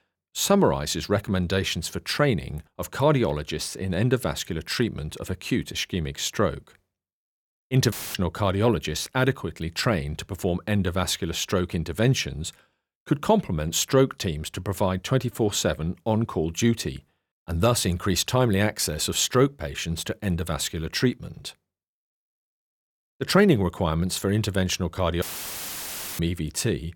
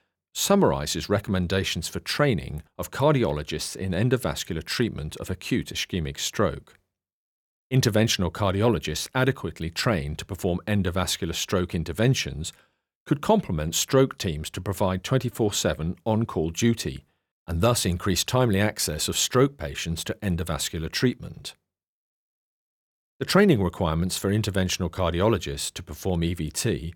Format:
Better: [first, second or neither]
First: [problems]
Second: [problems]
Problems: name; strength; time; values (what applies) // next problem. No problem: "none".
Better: second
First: audio cutting out; filled with static; at 8 s and at 25 s for 1 s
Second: none